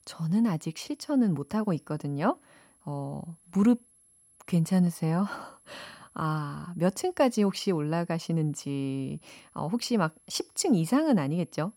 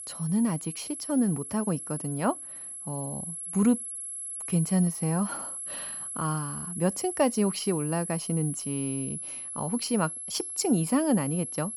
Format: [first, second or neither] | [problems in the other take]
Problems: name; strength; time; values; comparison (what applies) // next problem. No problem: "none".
first | high-pitched whine; loud; throughout; 11 kHz, 6 dB below the speech; faint in the first